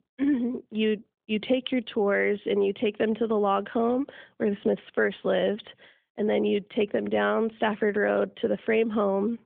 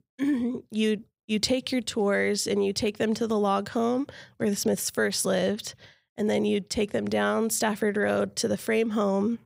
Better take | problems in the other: second | phone-call audio

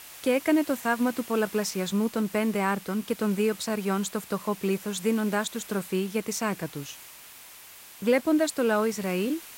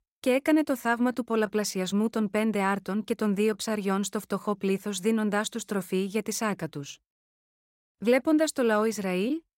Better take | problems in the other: second | hiss; noticeable; throughout; 15 dB below the speech

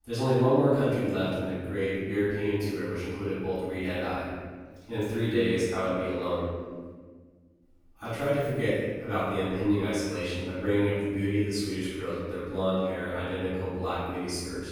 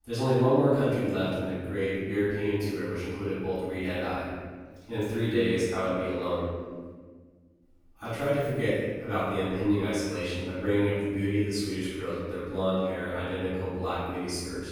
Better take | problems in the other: neither | off-mic speech; far; the same in both // room echo; strong; dies away in 1.4 s; the same in both

